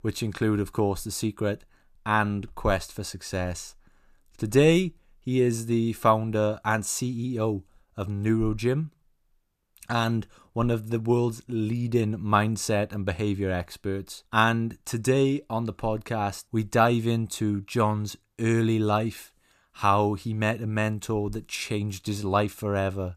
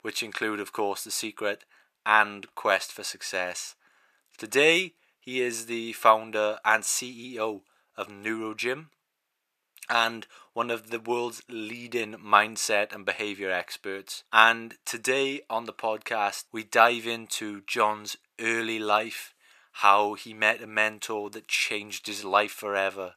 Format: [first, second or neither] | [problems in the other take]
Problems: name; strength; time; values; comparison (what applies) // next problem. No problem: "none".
first | thin; very; fading below 550 Hz